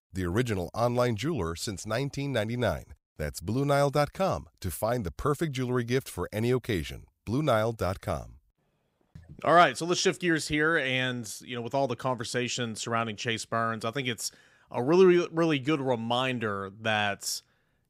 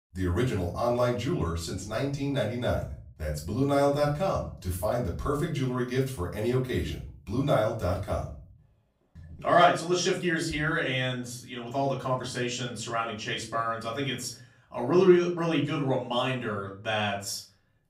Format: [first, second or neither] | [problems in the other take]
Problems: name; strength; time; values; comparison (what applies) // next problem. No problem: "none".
first | off-mic speech; far // room echo; slight; dies away in 0.4 s